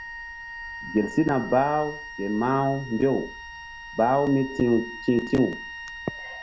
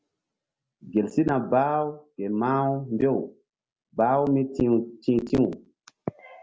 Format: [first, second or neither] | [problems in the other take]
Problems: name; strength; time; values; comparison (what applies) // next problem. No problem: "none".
second | background sound (Wind instrument, woodwind instrument); 13 dB below the speech